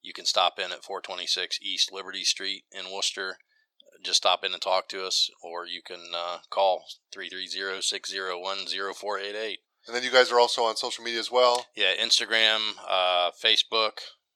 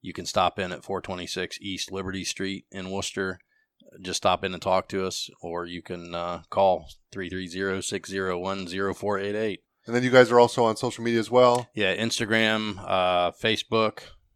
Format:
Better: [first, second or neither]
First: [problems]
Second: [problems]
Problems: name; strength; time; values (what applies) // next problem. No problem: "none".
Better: second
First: thin; very; fading below 600 Hz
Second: none